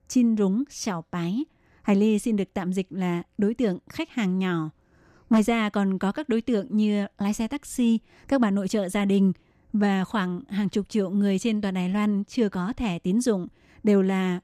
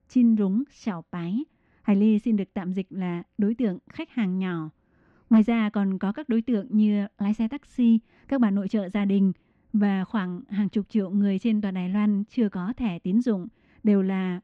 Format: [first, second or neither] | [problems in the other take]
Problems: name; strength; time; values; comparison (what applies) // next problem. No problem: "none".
first | muffled; slightly; fading above 3 kHz